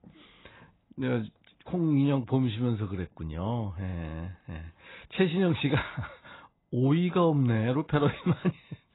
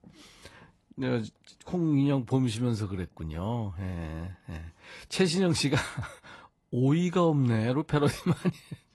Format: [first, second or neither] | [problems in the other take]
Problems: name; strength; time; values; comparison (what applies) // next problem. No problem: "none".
second | garbled, watery; badly; nothing above 4 kHz; slightly in the second